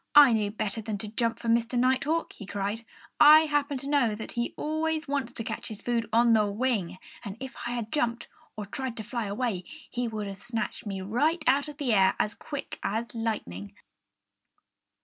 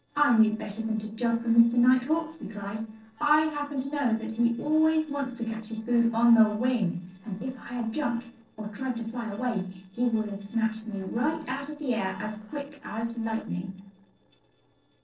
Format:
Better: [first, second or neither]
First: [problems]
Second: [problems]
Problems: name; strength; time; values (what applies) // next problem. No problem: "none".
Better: first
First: none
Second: noise reduction (neural separator model SepFormer DNS4)